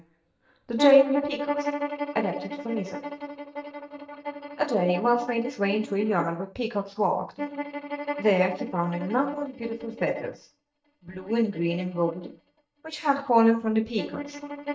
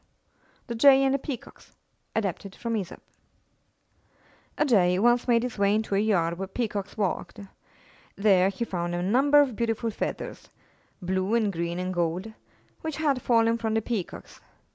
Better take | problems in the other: second | noise reduction (neural mask model DeepFilterNet 3)

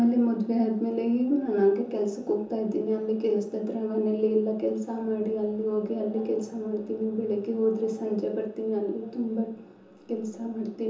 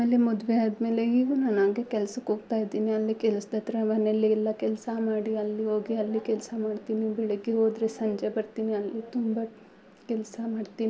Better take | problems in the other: second | room echo; dies away in 0.6 s

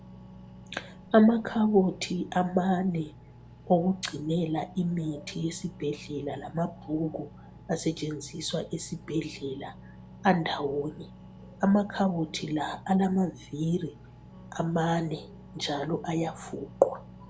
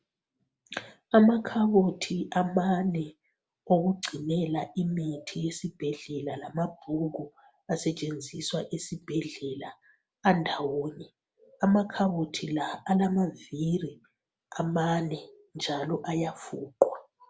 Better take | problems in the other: second | background sound (Engine + Wind instrument, woodwind instrument); 19 dB below the speech

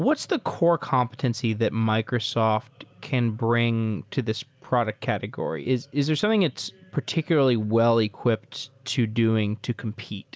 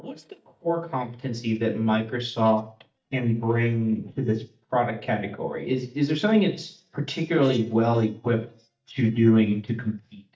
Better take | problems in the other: first | noise reduction (neural mask model DeepFilterNet 3)

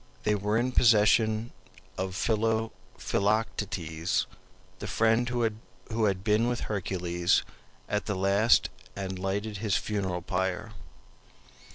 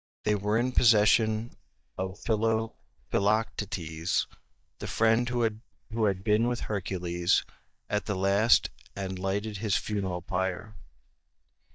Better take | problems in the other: first | noise reduction (neural mask model DeepFilterNet 3)

